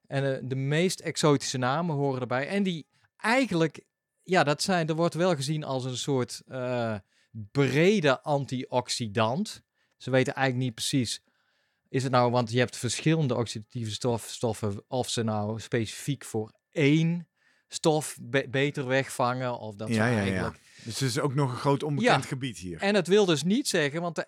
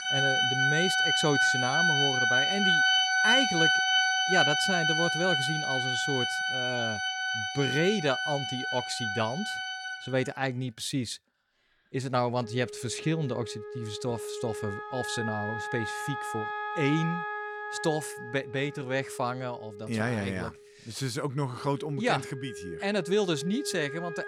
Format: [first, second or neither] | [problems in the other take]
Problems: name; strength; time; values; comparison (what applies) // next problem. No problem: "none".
first | background music; very loud; throughout; 4 dB above the speech